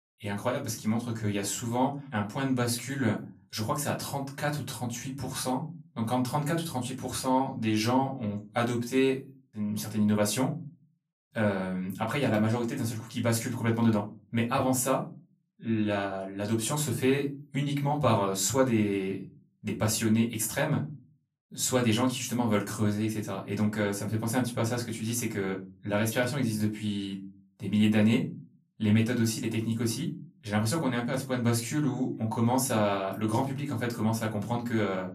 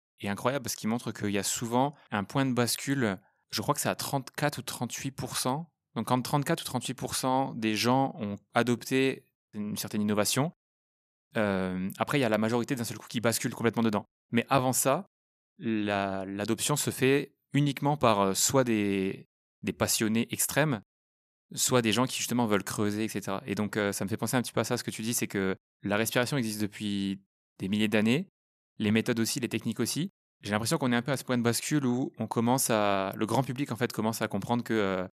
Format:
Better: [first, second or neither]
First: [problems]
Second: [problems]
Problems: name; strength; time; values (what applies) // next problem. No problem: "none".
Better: second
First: off-mic speech; far // room echo; very slight; dies away in 0.3 s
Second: none